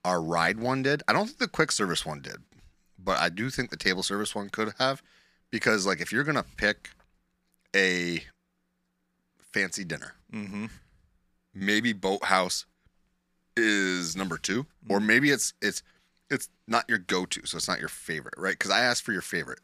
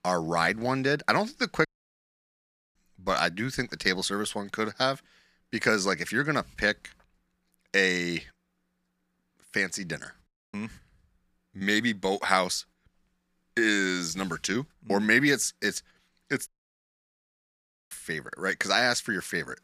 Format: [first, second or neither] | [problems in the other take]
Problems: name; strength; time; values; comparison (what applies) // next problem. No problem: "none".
first | audio cutting out; at 1.5 s for 1 s, at 10 s and at 16 s for 1.5 s